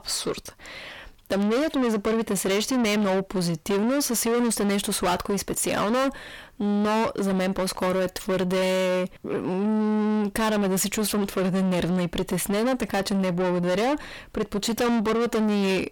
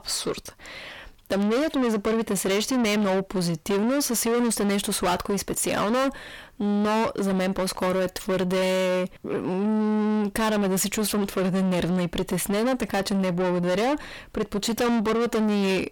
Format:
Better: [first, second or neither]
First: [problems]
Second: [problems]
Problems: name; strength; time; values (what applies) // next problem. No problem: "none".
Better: neither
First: distortion; heavy; 6 dB below the speech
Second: distortion; heavy; 6 dB below the speech